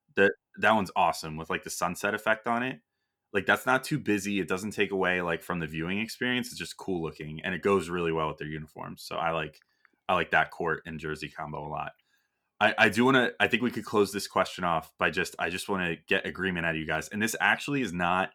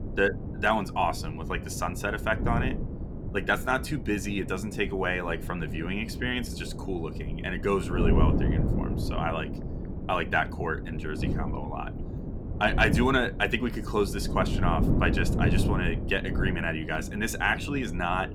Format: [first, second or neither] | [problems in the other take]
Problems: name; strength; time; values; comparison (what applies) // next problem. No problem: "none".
first | wind noise on the microphone; occasional gusts; 10 dB below the speech